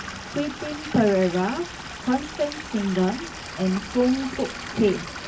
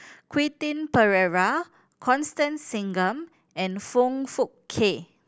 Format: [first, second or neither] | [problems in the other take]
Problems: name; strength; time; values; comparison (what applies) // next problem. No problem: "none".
second | background sound (Stream / Liquid); 11 dB below the speech // room echo; dies away in 0.3 s